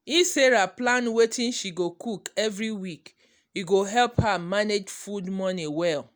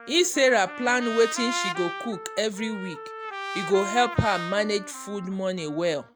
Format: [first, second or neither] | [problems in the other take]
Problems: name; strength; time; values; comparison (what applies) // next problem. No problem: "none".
first | background sound (Trumpet); 9 dB below the speech